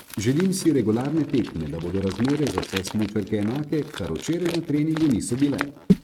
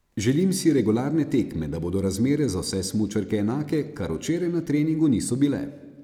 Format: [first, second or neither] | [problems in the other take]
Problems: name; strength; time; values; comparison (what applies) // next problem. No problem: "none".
second | noise reduction (neural mask model RNNoise)